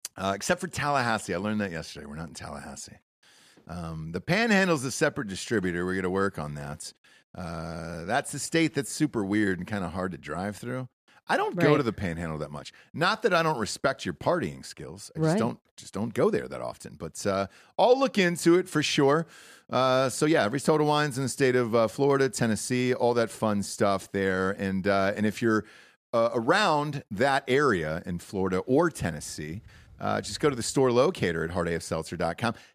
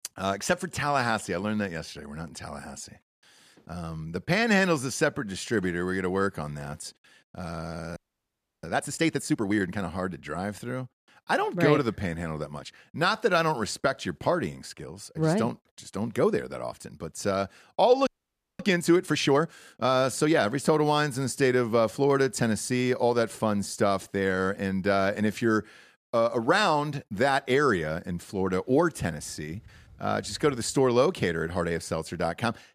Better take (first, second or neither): first